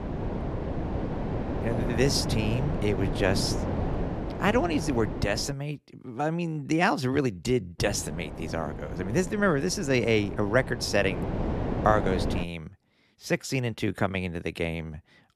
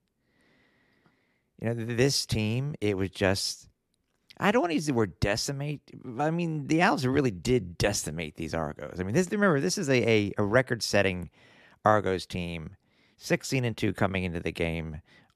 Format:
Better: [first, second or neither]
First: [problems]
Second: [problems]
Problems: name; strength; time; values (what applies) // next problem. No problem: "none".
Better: second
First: wind noise on the microphone; heavy; until 5.5 s and from 8 to 12 s; 8 dB below the speech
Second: none